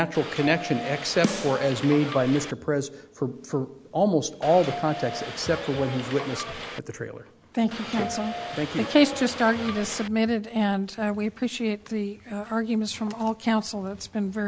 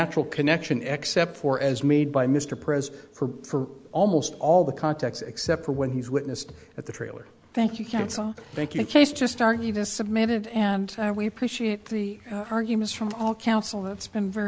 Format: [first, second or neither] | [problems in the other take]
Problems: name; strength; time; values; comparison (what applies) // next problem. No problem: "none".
second | background sound (Snare drum + Subway, metro, underground / Doorbell); 8 dB below the speech